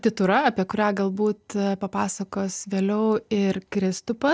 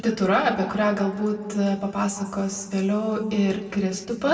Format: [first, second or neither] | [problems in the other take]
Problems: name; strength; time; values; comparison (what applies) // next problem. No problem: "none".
first | room echo; dies away in 1.5 s